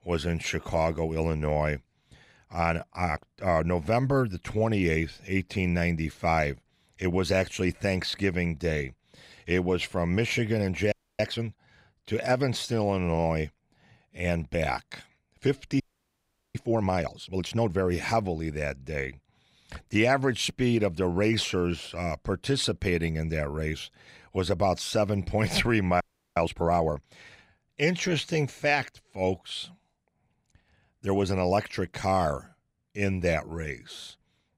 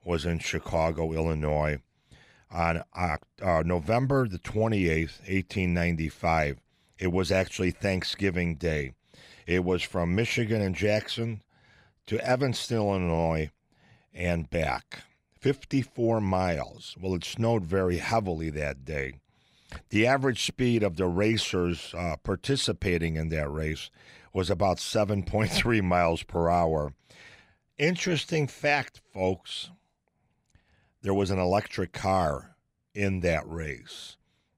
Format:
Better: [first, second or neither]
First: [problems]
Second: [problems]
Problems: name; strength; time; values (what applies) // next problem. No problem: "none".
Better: second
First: audio freezing; at 11 s, at 16 s for 1 s and at 26 s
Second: none